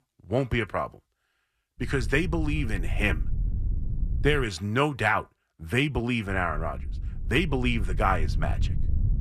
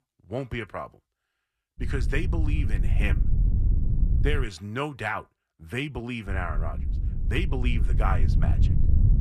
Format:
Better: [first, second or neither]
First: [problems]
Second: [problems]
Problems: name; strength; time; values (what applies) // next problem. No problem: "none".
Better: first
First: wind noise on the microphone; occasional gusts; from 2 to 4.5 s and from 6.5 s on; 20 dB below the speech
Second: wind noise on the microphone; heavy; from 2 to 4.5 s and from 6.5 s on; 10 dB below the speech